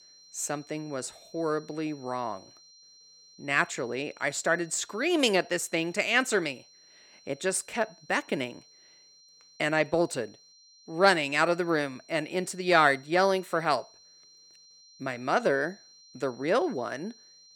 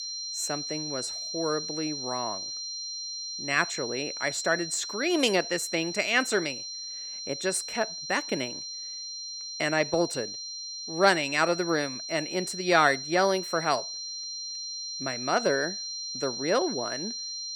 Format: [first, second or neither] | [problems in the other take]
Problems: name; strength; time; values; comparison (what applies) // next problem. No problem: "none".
first | high-pitched whine; loud; throughout; 4 kHz, 6 dB below the speech; faint in the first